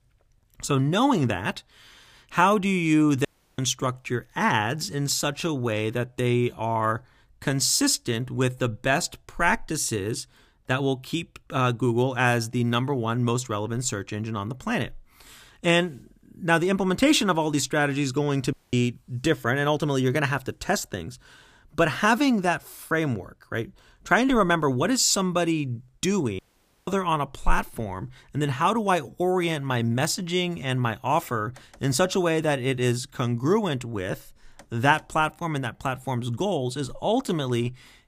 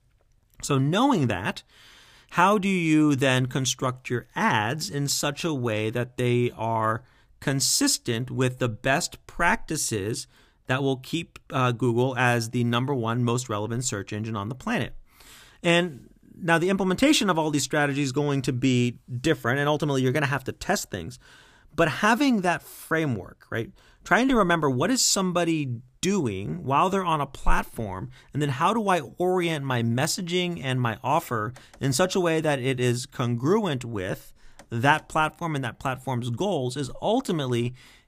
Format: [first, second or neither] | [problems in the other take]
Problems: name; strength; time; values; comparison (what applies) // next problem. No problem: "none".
second | audio cutting out; at 3.5 s, at 19 s and at 26 s